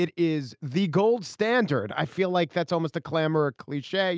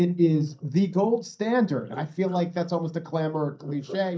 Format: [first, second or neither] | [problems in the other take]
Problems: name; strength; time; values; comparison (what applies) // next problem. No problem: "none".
first | noise reduction (neural mask model DeepFilterNet 3)